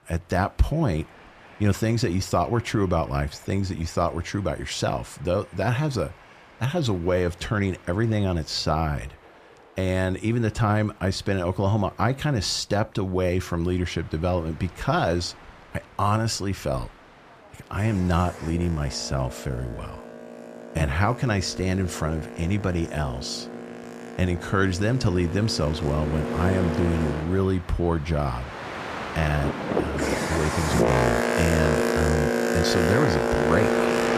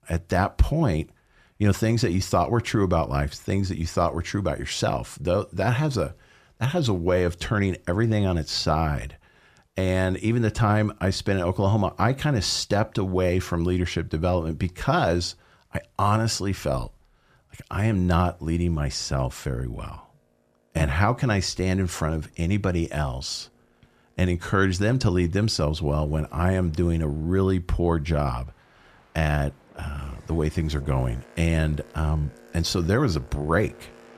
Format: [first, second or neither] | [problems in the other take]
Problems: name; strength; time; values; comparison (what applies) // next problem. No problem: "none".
second | train or aircraft noise; loud; throughout; 2 dB below the speech; faint in the second